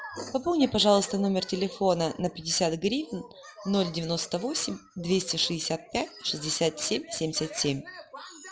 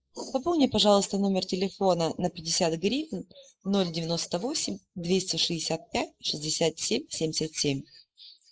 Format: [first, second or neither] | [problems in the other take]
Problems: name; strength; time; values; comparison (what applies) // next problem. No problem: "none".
first | noise reduction (neural mask model Resemble Enhance denoiser)